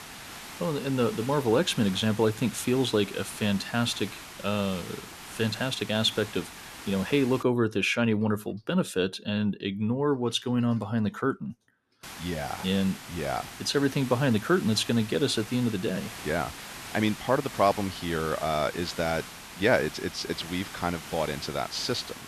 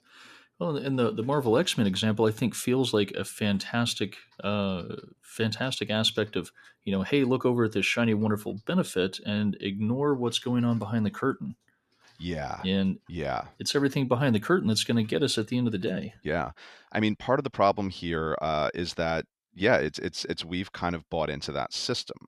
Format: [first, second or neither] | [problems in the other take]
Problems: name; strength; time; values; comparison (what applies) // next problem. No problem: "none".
second | hiss; noticeable; until 7.5 s and from 12 s on; 15 dB below the speech